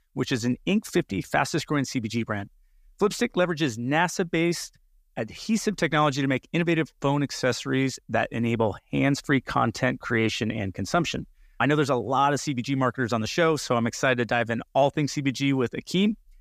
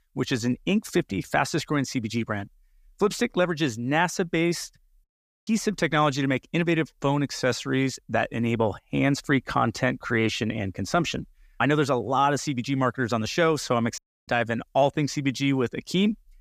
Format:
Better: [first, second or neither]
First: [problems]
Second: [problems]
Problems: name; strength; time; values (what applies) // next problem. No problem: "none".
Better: first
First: none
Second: audio cutting out; at 5 s and at 14 s